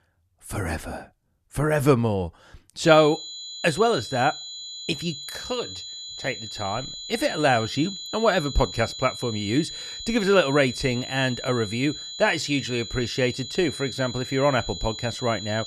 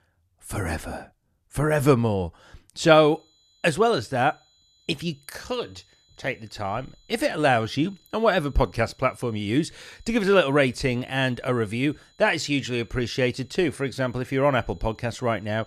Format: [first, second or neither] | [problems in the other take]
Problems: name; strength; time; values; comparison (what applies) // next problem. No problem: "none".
second | high-pitched whine; loud; from 3 s on; 4 kHz, 9 dB below the speech; faint in the second